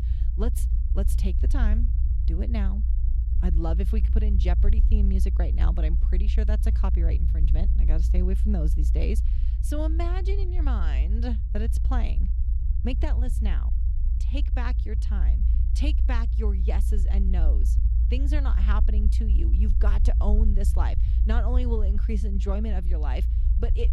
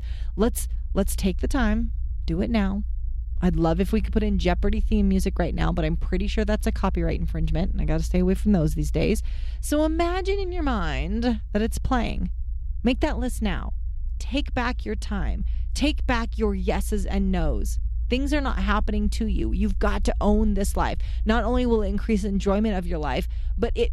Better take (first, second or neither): second